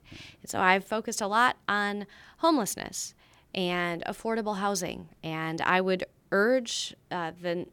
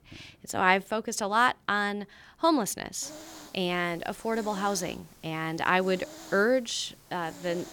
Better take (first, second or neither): first